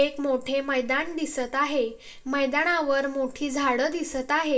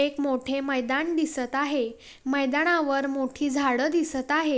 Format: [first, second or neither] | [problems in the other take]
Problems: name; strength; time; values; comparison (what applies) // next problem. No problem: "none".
second | room echo; dies away in 0.2 s